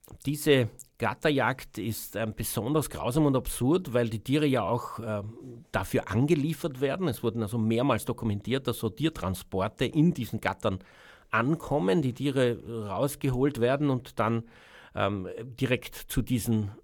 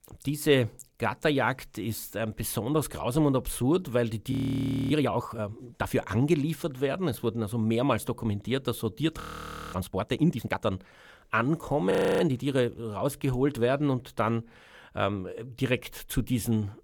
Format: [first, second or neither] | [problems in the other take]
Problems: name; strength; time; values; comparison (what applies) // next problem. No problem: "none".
first | audio freezing; at 4.5 s for 0.5 s, at 9 s for 0.5 s and at 12 s